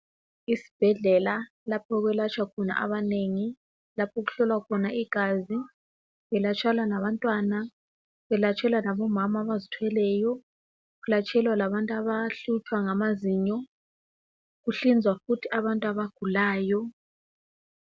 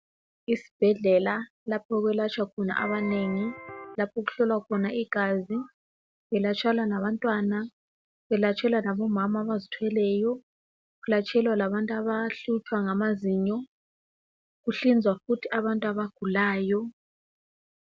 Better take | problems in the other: first | background sound (Electric guitar); 11 dB below the speech

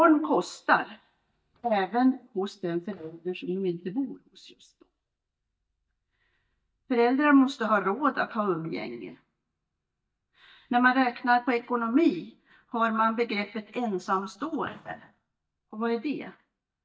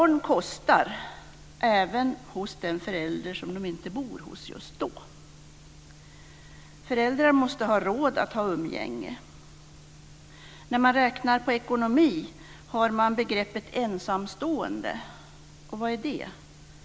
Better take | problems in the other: second | noise reduction (neural mask model DeepFilterNet 3)

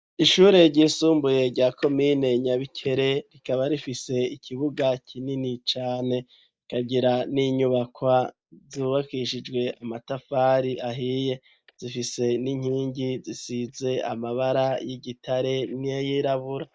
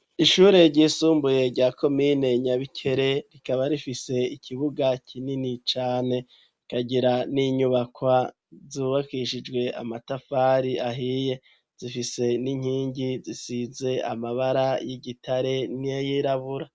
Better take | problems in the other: second | noise reduction (neural mask model DeepFilterNet 3)

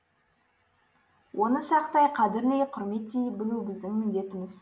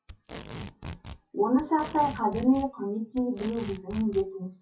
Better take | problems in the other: first | noise reduction (classical method WPE with log-MMSE)

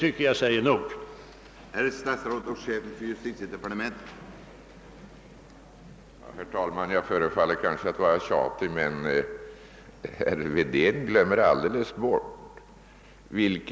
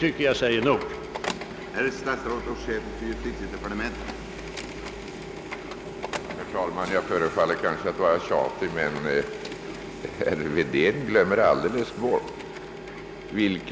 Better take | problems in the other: first | background sound (Printer); 10 dB below the speech

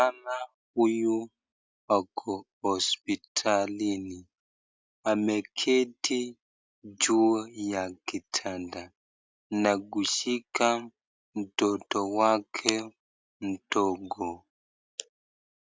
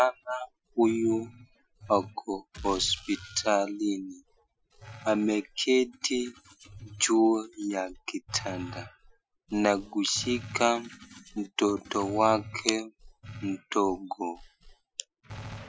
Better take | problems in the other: first | noise reduction (classical method Wiener filter)

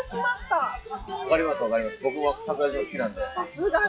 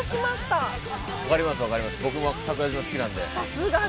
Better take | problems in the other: second | noise reduction (classical method WPE with log-MMSE)

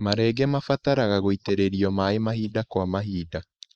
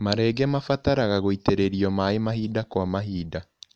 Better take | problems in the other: second | noise reduction (neural mask model Resemble Enhance denoiser)

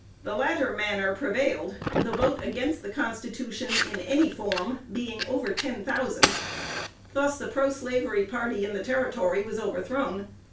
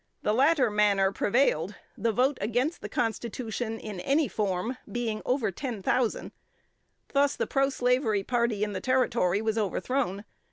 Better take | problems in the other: second | background sound (Fire); 6 dB below the speech // room echo; dies away in 0.3 s

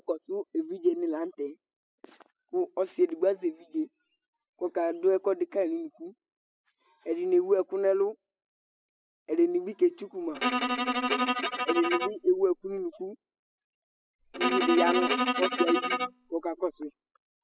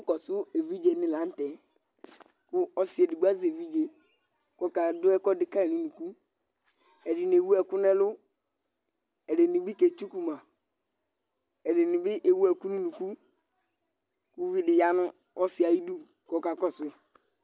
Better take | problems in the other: second | noise reduction (classical method spectral subtraction)

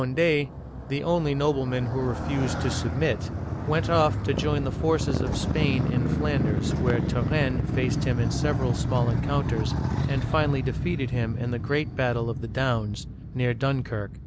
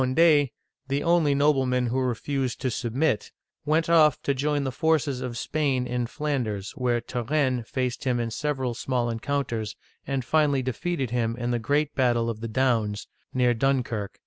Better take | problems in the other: second | background sound (Motorcycle); 1 dB below the speech

